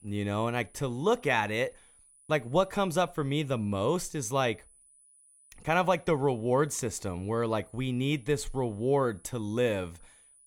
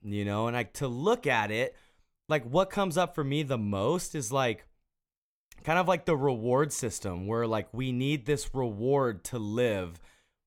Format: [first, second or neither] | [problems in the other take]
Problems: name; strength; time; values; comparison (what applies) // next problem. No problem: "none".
second | high-pitched whine; faint; throughout; 10 kHz, 30 dB below the speech